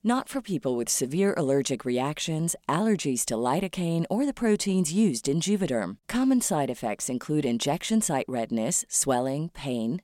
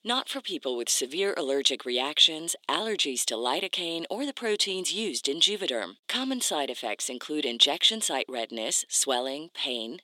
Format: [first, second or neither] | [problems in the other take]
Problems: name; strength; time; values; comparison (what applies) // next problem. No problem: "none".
first | thin; somewhat; fading below 300 Hz